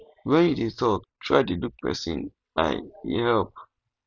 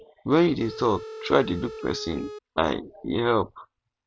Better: first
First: none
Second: background sound (Telephone); 12 dB below the speech

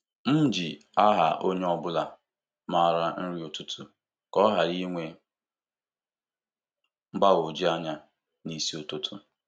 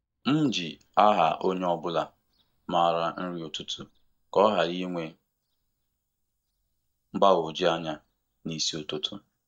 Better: first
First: none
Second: noise reduction (neural mask model DeepFilterNet 3)

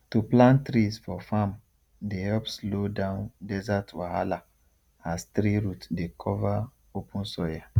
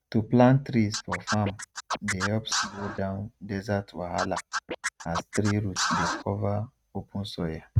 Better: first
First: none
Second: noise reduction (neural mask model RNNoise)

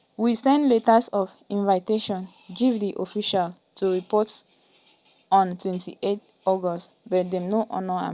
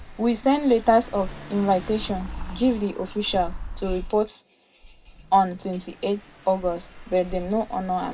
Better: first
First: none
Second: background sound (Engine / Car); 13 dB below the speech // room echo; dies away in 0.2 s

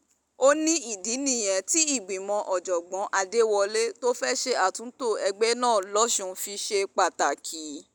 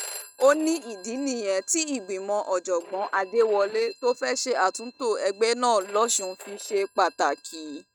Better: first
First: none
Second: noise reduction (neural mask model RNNoise)

